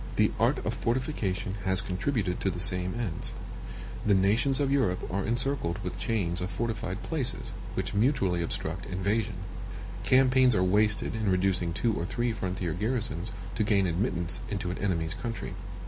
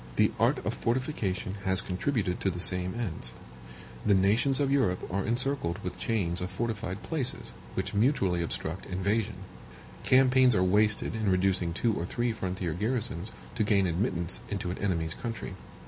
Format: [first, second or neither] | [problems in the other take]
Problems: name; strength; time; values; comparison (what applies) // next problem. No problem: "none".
second | background sound (Mechanical fan); 6 dB below the speech